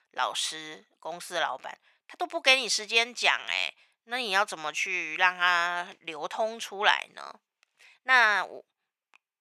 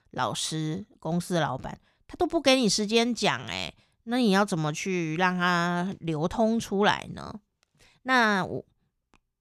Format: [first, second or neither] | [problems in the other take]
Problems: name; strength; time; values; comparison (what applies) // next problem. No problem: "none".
second | thin; very; fading below 750 Hz